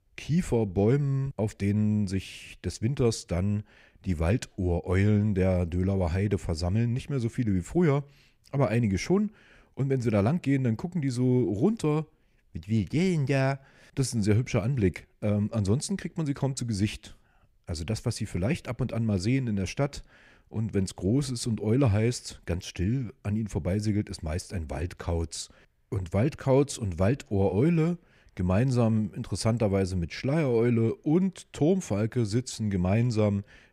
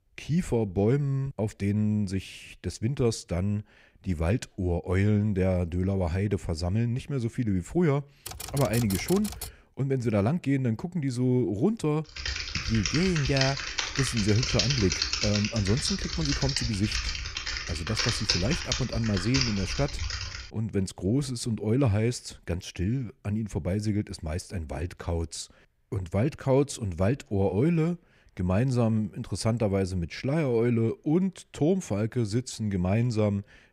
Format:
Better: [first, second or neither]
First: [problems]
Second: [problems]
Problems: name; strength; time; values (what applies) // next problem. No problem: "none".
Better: first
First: none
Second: keyboard typing; noticeable; from 8.5 to 9.5 s; peak 6 dB below the speech // keyboard typing; loud; from 12 to 20 s; peak 3 dB above the speech